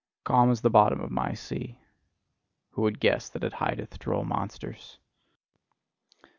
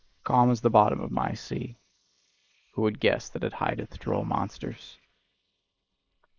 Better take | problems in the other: first | noise reduction (neural mask model Resemble Enhance denoiser)

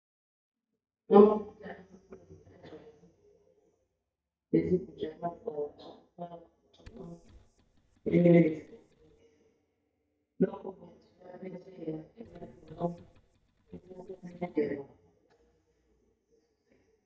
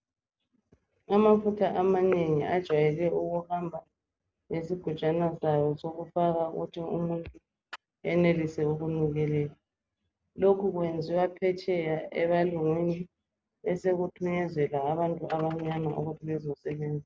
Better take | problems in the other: second | noise reduction (neural mask model DeepFilterNet 3)

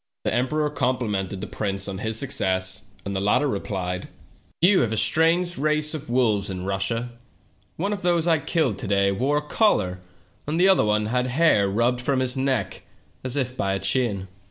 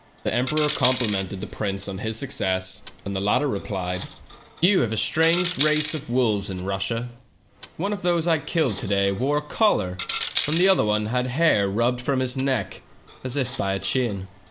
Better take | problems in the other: first | background sound (Coin (dropping)); 12 dB below the speech

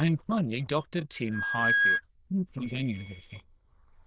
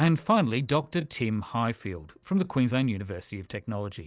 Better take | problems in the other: second | noise reduction (neural diffusion model UNIVERSE++)

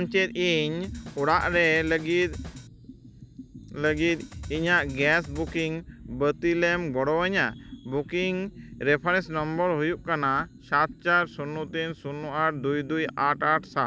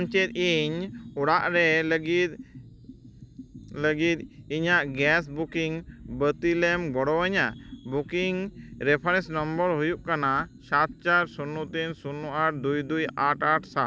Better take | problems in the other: second | background sound (Drum kit); 14 dB below the speech

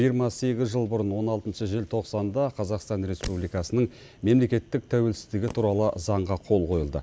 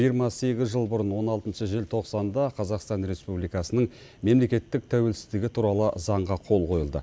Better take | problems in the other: second | background sound (Fireworks); 19 dB below the speech

